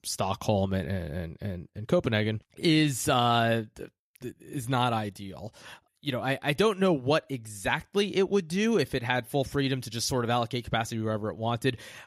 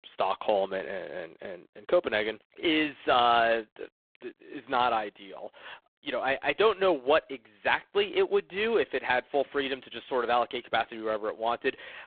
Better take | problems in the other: first | phone-call audio; poor line

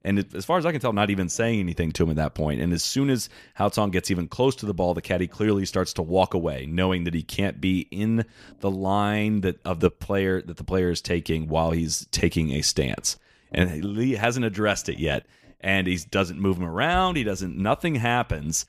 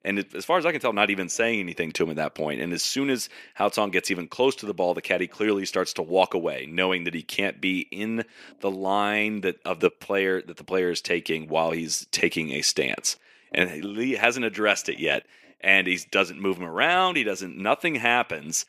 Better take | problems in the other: first | thin; somewhat; fading below 350 Hz

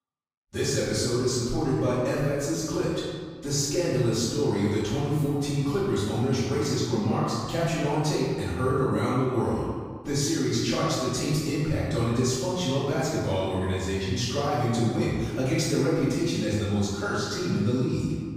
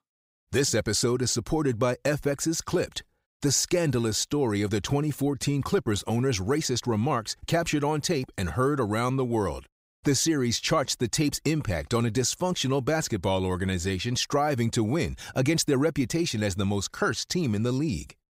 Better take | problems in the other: second | room echo; strong; dies away in 1.6 s // off-mic speech; far

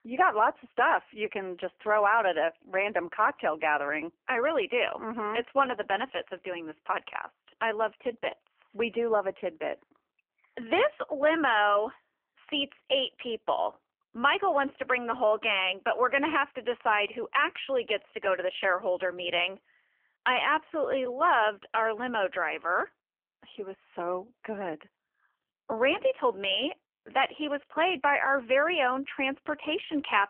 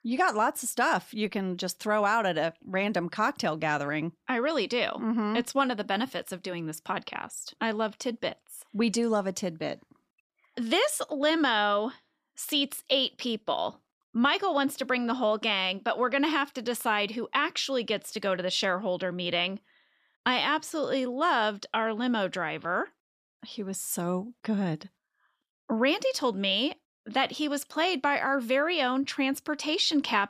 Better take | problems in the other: second | phone-call audio; poor line; nothing above 3 kHz

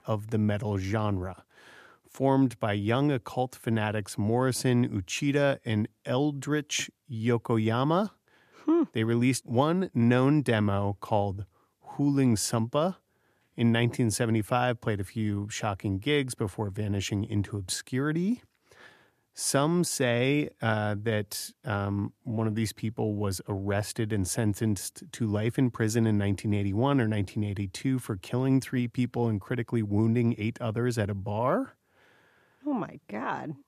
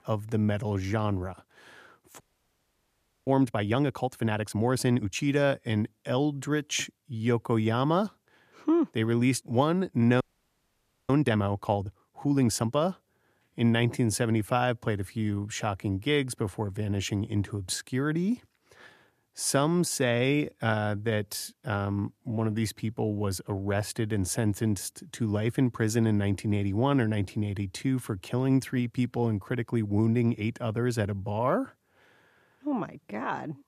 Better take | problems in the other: first | audio freezing; at 2 s for 1 s and at 10 s for 1 s

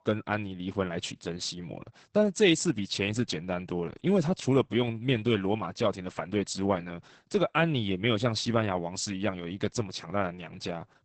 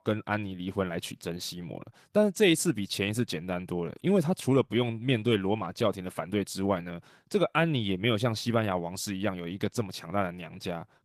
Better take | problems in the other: second | garbled, watery; badly; nothing above 8 kHz; slightly in the second

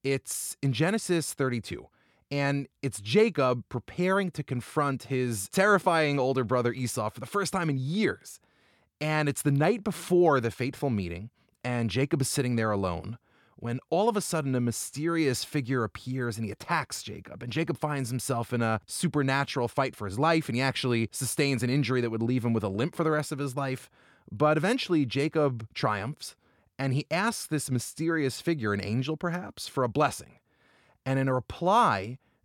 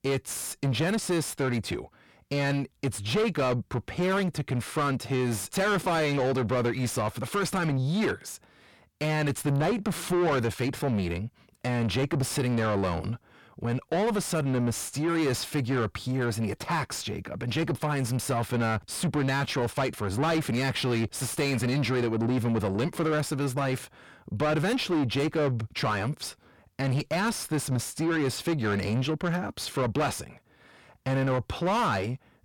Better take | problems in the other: first | distortion; heavy; 7 dB below the speech

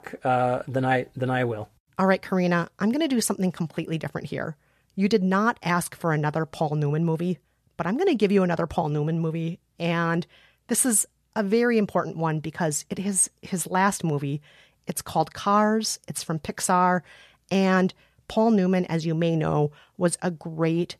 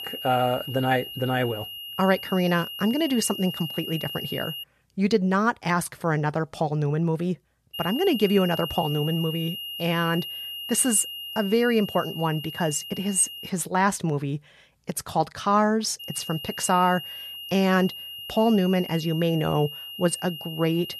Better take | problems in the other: first | high-pitched whine; loud; until 4.5 s, from 7.5 to 13 s and from 16 s on; 3 kHz, 9 dB below the speech

